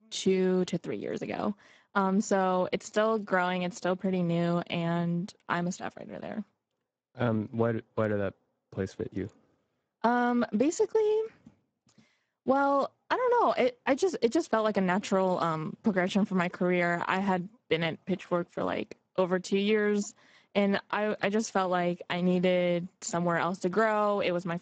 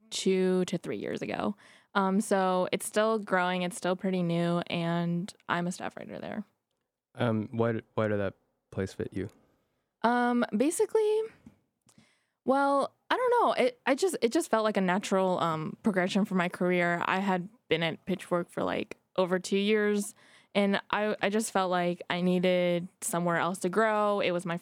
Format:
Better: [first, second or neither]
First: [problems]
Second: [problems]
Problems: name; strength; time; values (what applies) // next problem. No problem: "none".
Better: second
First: garbled, watery; badly; nothing above 7.5 kHz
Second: none